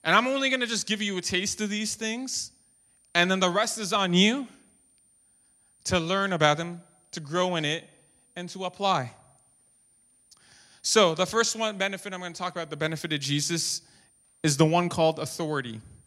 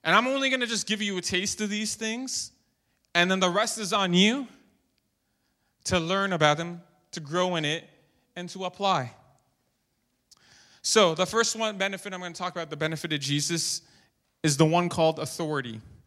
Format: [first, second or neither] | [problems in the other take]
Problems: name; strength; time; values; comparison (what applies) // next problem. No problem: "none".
second | high-pitched whine; faint; throughout; 9 kHz, 35 dB below the speech